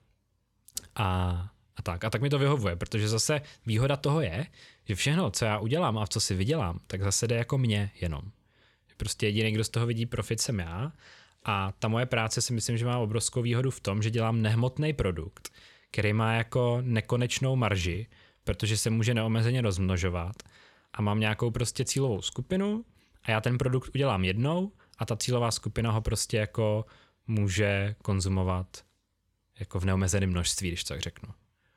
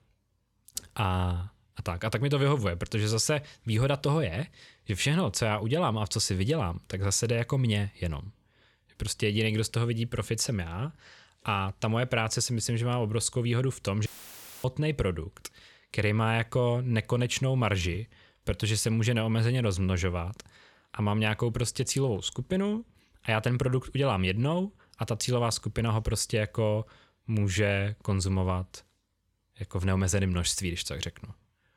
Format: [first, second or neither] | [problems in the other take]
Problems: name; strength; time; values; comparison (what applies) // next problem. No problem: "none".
first | audio cutting out; filled with static; at 14 s for 0.5 s